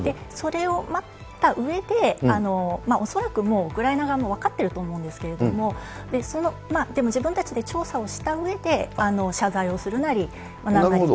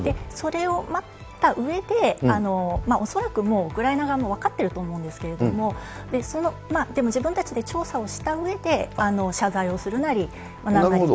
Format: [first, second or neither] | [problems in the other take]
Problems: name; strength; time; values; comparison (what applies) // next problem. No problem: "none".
first | background sound (Bass drum); 16 dB below the speech